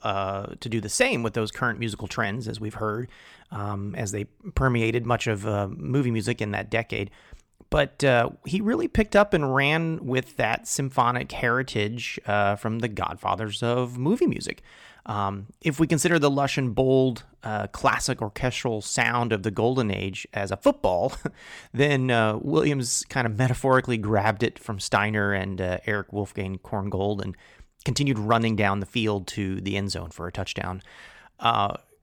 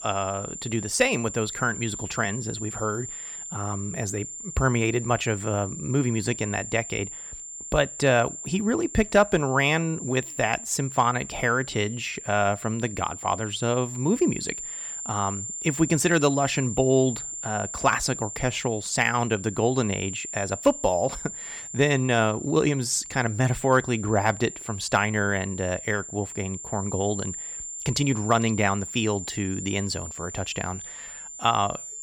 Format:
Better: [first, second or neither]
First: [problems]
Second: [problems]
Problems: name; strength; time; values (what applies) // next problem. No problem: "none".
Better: first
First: none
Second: high-pitched whine; loud; throughout; 7 kHz, 9 dB below the speech